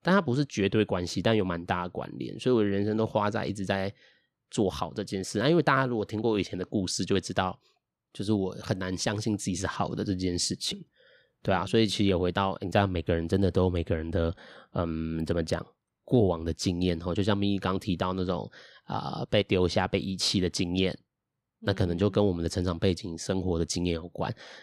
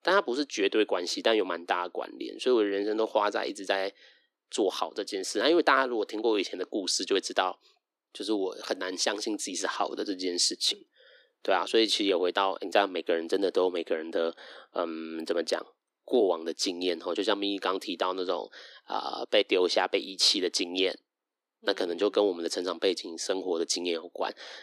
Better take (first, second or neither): first